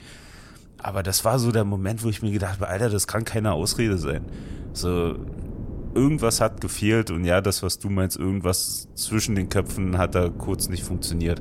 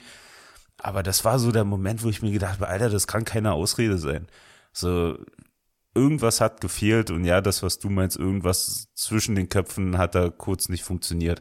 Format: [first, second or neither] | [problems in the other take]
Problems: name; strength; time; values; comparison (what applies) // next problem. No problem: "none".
second | wind noise on the microphone; occasional gusts; 20 dB below the speech